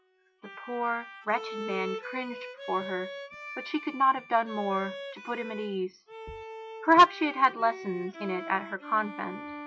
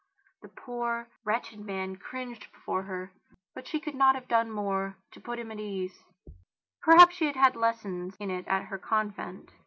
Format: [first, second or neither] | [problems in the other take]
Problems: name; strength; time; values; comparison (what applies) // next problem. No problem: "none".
second | noise reduction (classical method log-MMSE)